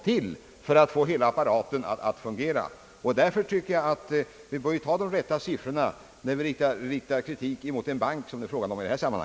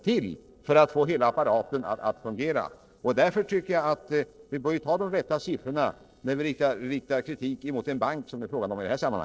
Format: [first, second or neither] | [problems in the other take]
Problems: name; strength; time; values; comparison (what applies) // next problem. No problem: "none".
first | noise reduction (neural separator model SepFormer DNS4)